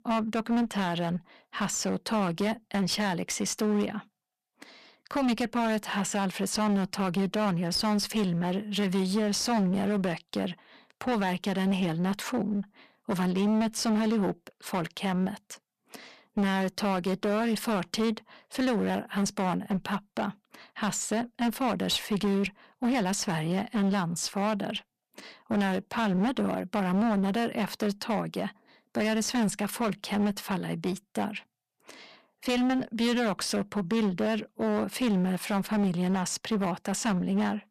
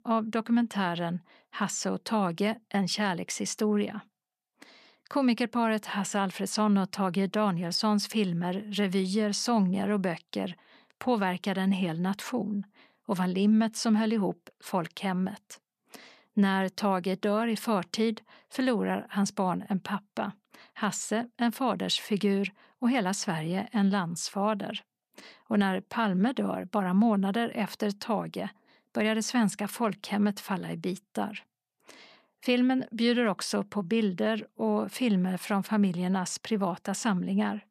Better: second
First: distortion; slight; 19% of the sound clipped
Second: none

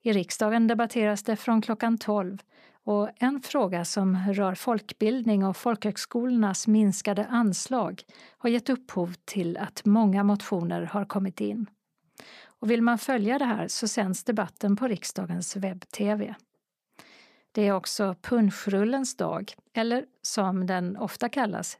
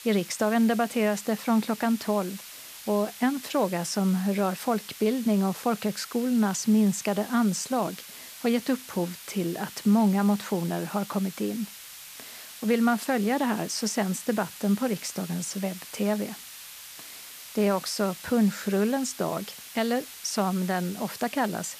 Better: first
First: none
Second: hiss; noticeable; throughout; 15 dB below the speech

